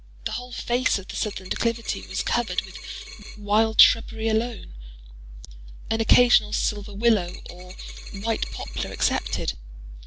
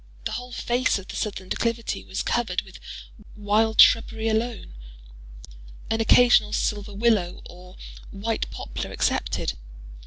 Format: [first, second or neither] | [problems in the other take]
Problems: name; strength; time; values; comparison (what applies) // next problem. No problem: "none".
second | background sound (Coin (dropping)); 17 dB below the speech